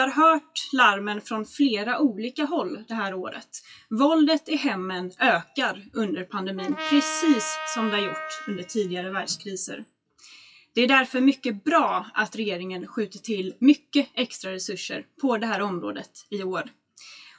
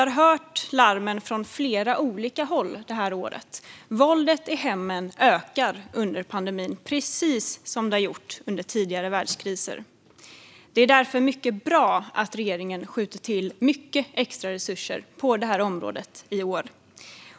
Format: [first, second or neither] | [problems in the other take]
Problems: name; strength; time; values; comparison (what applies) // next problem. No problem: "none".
second | noise reduction (classical method WPE with log-MMSE)